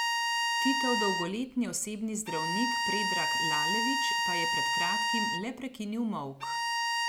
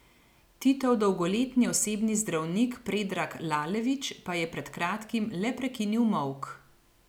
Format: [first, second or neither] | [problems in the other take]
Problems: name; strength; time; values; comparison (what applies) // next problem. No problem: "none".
second | background sound (Bowed string instrument); 4 dB above the speech